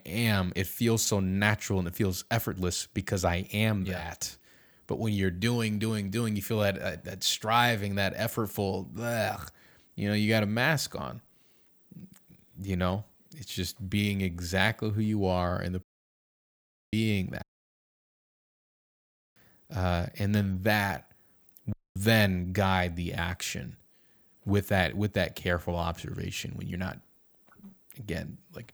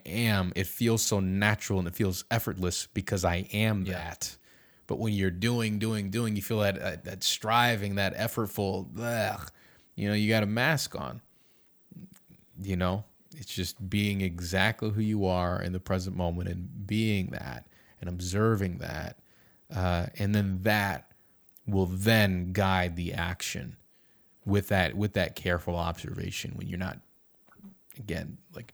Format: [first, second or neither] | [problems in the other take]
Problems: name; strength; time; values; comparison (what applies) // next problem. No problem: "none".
second | audio cutting out; at 16 s for 1 s, at 17 s for 2 s and at 22 s